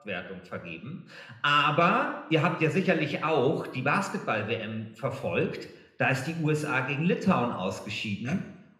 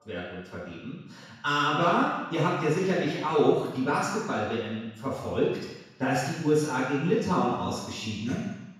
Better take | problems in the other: first | room echo; strong; dies away in 1.1 s; slight in the first // off-mic speech; far; somewhat distant in the first

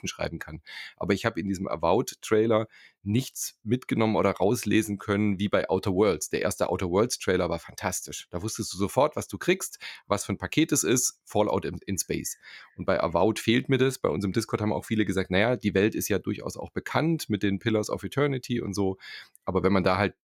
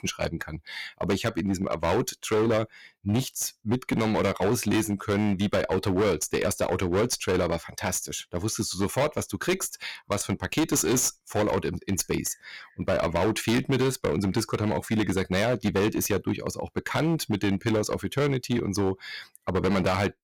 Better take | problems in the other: first | distortion; heavy; 14% of the sound clipped

